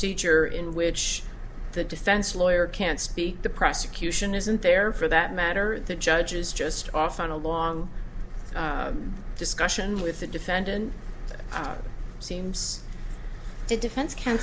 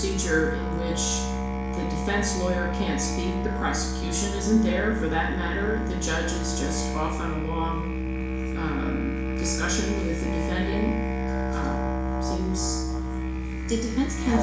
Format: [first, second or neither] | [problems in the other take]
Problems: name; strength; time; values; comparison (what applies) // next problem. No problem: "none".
first | background sound (Musical instrument); 1 dB above the speech // room echo; dies away in 0.7 s